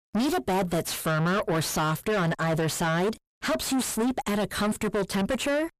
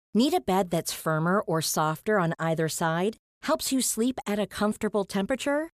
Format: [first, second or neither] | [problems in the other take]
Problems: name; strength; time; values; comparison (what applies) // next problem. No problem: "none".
second | distortion; heavy; 5 dB below the speech